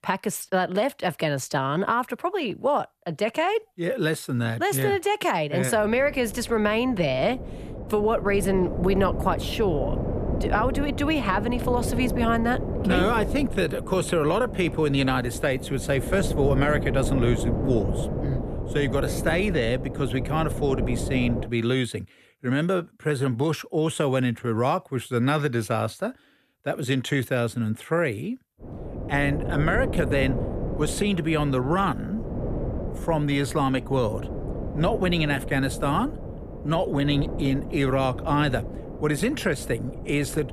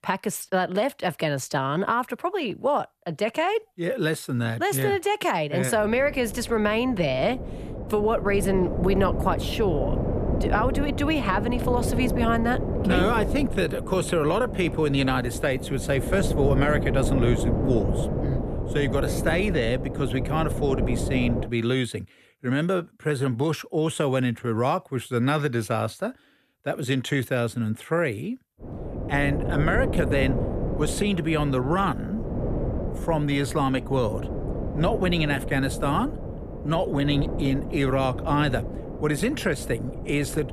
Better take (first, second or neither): first